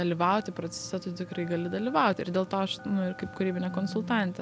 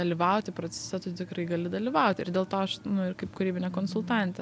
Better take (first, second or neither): second